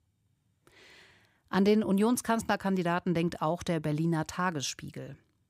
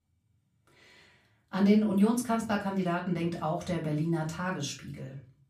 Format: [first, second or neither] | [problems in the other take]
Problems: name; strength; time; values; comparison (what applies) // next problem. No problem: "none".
first | off-mic speech; far // room echo; very slight; dies away in 0.3 s